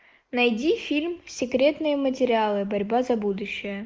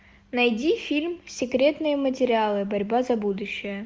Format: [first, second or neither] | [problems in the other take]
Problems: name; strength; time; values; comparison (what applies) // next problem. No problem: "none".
second | noise reduction (neural mask model Resemble Enhance denoiser)